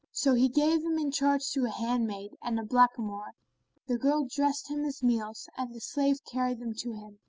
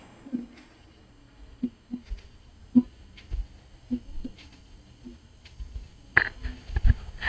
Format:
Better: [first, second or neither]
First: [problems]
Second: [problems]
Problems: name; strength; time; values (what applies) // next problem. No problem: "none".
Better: first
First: none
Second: noise reduction (neural mask model DeepFilterNet 3)